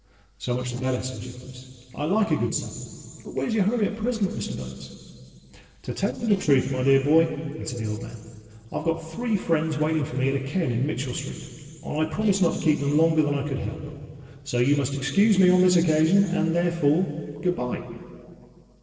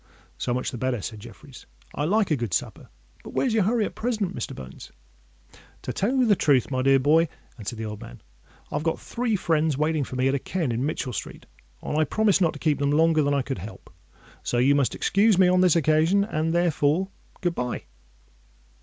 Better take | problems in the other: second | noise reduction (neural separator model SepFormer DNS4)

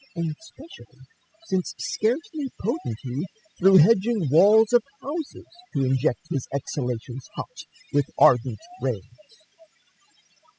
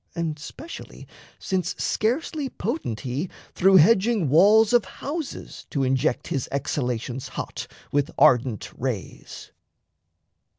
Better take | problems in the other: second | noise reduction (classical method spectral subtraction)

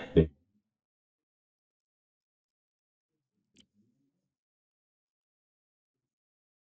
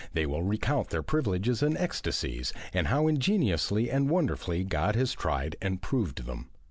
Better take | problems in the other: second | noise reduction (neural mask model DeepFilterNet 3)

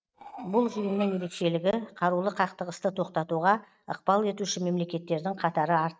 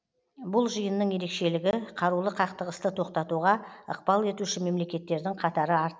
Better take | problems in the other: second | noise reduction (neural mask model RNNoise)

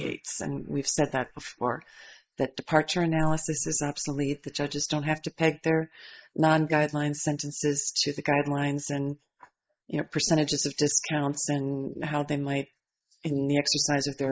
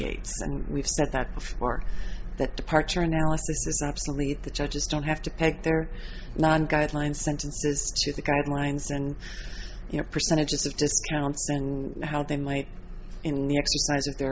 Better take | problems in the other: second | noise reduction (neural mask model Resemble Enhance denoiser)

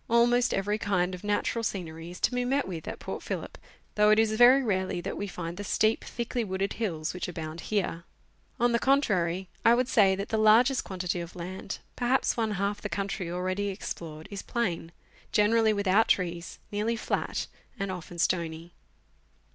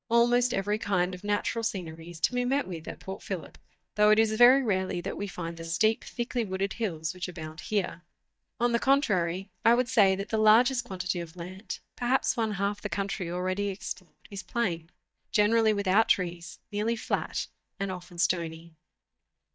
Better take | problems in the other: first | noise reduction (neural mask model DeepFilterNet 3)

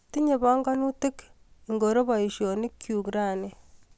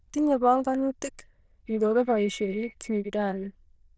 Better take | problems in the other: first | noise reduction (neural diffusion model UNIVERSE++)

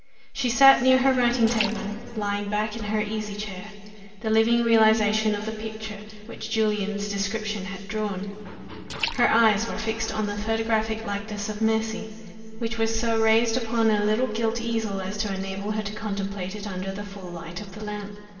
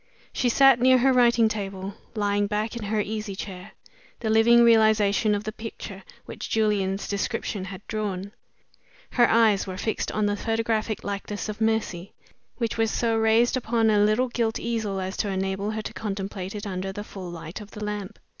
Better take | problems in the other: second | background sound (Liquid); 11 dB below the speech // room echo; dies away in 2.8 s

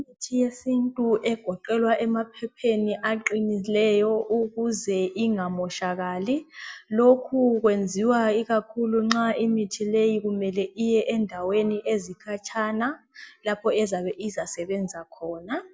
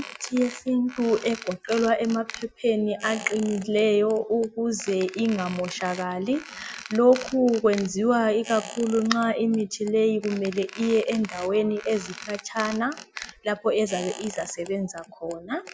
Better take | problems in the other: first | background sound (Squeak); 17 dB below the speech

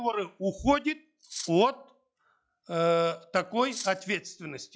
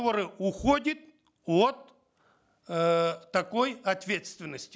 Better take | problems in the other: second | noise reduction (classical method log-MMSE)

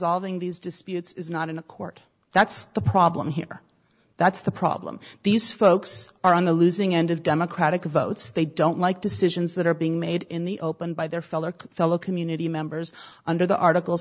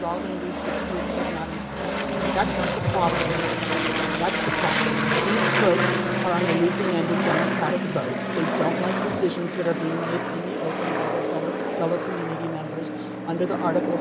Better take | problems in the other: first | background sound (Aircraft); 3 dB above the speech // room echo; dies away in 2.4 s

